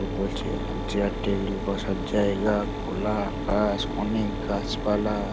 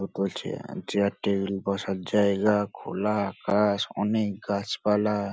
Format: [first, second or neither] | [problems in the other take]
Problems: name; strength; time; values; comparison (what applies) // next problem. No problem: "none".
second | background sound (Mechanisms); 3 dB below the speech